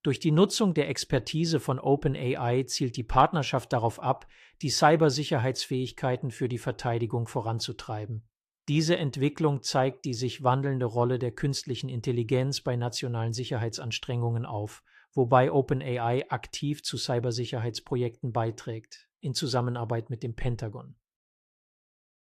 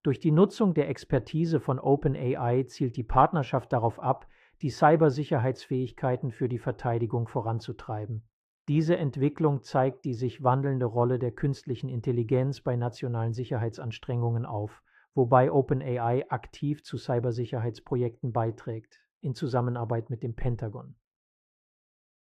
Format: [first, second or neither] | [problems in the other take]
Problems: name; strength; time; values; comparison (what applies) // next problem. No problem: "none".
first | muffled; very; fading above 2.5 kHz